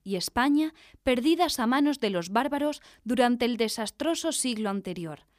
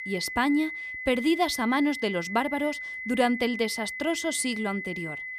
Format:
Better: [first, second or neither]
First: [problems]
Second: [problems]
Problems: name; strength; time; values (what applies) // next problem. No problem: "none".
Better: first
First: none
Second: high-pitched whine; loud; throughout; 2 kHz, 7 dB below the speech